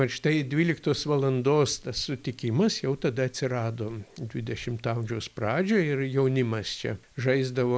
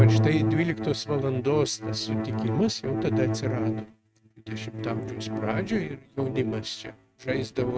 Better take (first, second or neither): first